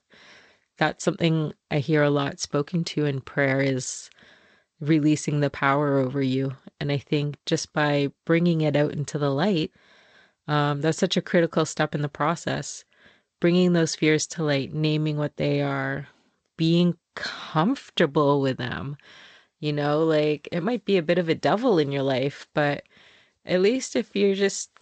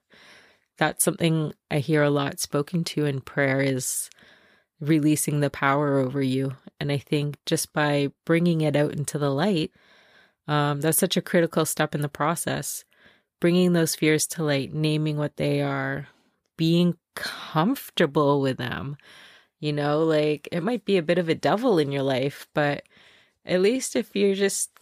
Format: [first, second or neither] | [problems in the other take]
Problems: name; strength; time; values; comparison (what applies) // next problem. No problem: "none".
second | garbled, watery; slightly; nothing above 8 kHz